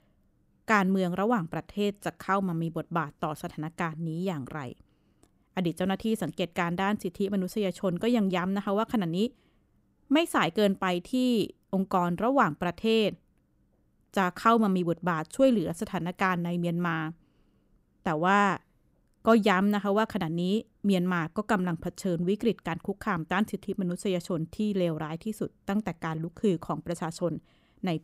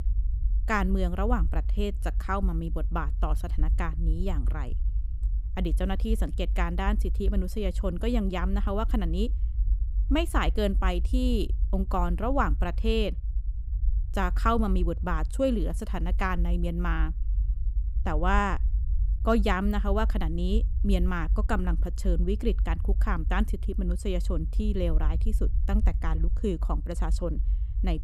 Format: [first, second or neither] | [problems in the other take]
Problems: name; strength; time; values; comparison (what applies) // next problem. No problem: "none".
first | low rumble; noticeable; throughout; 20 dB below the speech